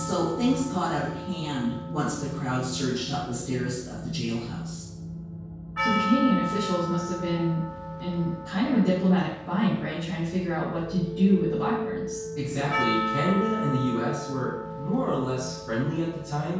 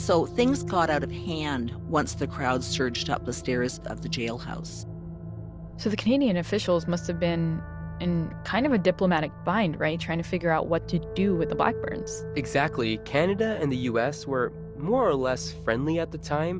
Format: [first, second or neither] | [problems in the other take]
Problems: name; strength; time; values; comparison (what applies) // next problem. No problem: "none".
second | background sound (Percussion); 9 dB below the speech // room echo; dies away in 0.6 s